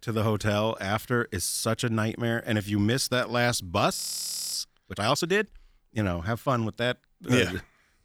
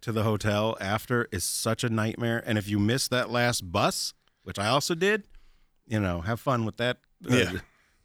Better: second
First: audio freezing; at 4 s for 0.5 s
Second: none

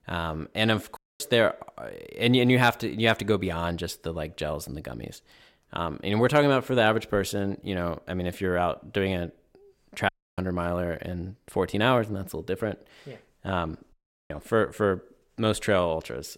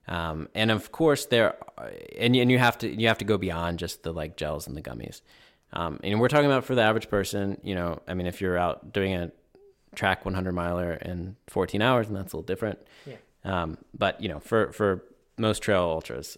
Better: second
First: audio cutting out; at 1 s, at 10 s and at 14 s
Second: none

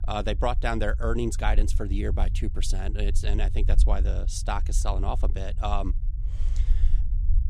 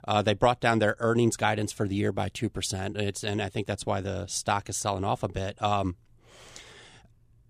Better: second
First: low rumble; noticeable; throughout; 15 dB below the speech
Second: none

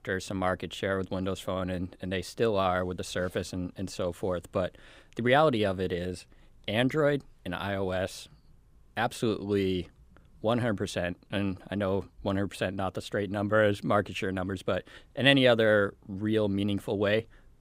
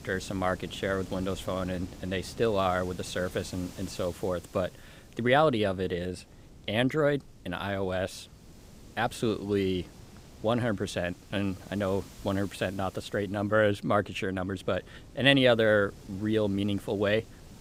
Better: first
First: none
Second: wind noise on the microphone; occasional gusts; 25 dB below the speech

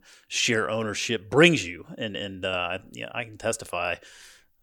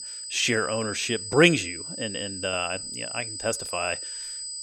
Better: first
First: none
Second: high-pitched whine; loud; throughout; 8 kHz, 7 dB below the speech

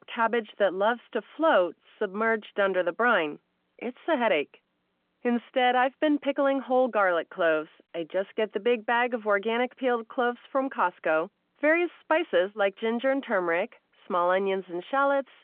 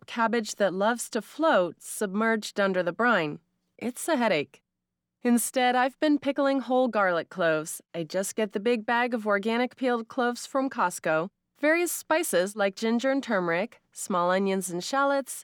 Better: second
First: phone-call audio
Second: none

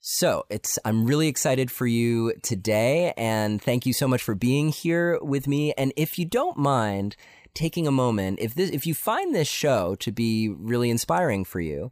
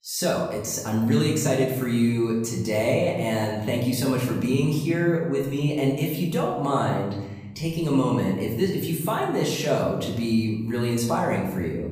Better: first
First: none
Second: room echo; noticeable; dies away in 1.1 s // off-mic speech; far

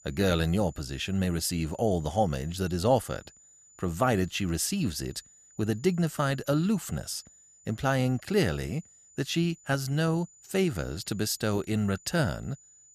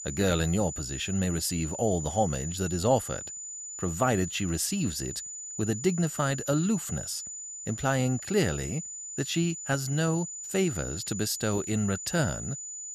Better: first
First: high-pitched whine; faint; throughout; 7 kHz, 25 dB below the speech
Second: high-pitched whine; loud; throughout; 7 kHz, 7 dB below the speech

